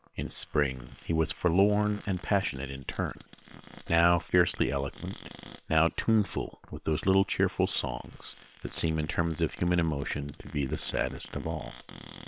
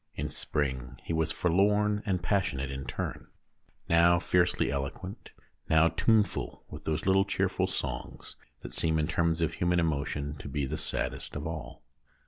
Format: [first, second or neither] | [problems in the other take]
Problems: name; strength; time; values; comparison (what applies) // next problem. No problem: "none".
second | noise reduction (neural separator model SepFormer WHAM!)